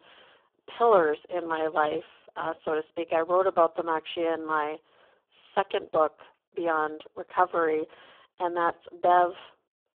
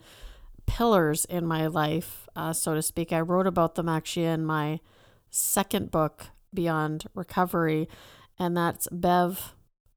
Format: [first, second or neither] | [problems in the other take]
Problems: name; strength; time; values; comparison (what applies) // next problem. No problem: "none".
second | phone-call audio; poor line